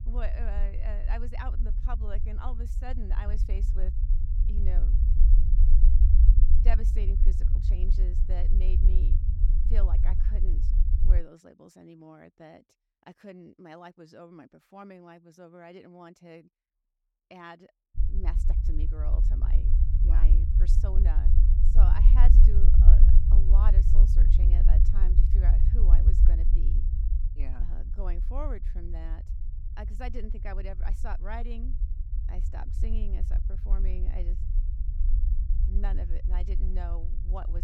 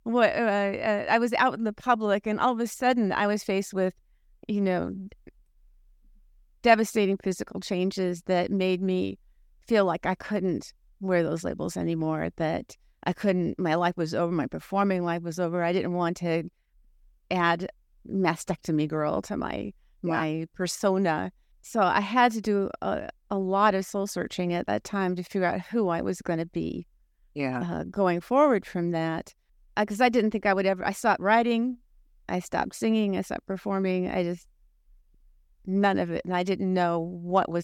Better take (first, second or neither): second